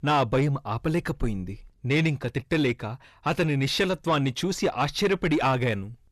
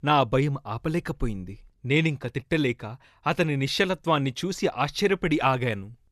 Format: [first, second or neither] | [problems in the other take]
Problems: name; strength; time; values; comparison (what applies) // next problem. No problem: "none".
second | distortion; slight; 10 dB below the speech